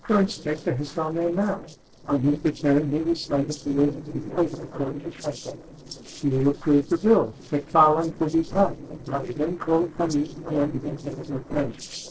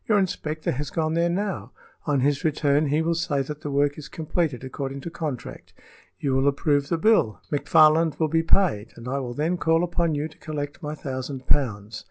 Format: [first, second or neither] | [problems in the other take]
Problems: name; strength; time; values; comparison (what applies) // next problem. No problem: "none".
second | noise reduction (neural separator model SepFormer DNS4)